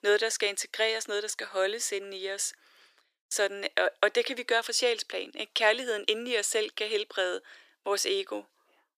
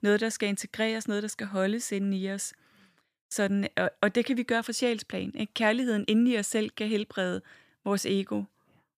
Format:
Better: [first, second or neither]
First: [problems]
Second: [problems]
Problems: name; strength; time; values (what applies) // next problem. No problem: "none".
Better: second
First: thin; very; fading below 350 Hz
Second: none